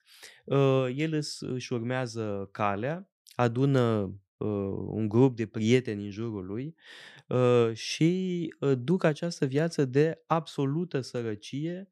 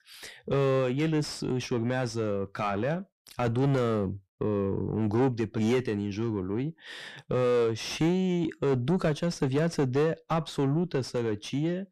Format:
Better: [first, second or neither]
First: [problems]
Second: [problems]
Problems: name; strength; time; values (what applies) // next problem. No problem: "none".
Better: first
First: none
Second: distortion; heavy; 6 dB below the speech